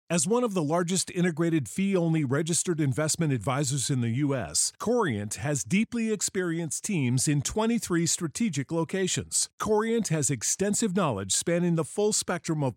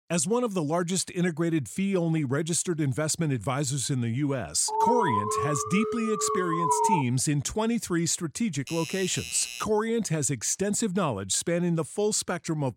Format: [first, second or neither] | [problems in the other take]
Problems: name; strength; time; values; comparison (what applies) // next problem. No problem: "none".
first | alarm; loud; from 4.5 to 7 s; peak 3 dB above the speech // doorbell; noticeable; from 8.5 to 9.5 s; peak 8 dB below the speech